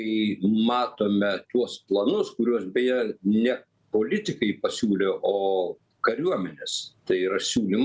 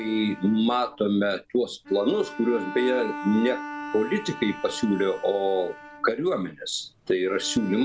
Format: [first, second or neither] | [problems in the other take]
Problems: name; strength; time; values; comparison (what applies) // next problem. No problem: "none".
first | background sound (Bowed string instrument); 13 dB below the speech